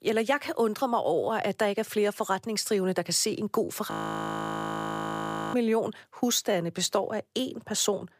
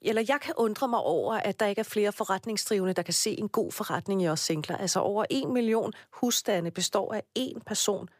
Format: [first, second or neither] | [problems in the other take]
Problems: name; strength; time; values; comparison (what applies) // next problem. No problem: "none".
second | audio freezing; at 4 s for 1.5 s